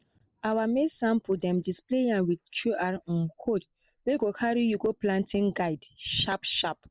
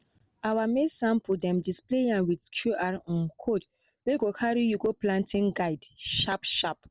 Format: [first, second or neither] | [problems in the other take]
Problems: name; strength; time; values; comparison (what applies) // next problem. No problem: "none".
second | noise reduction (neural mask model Resemble Enhance denoiser)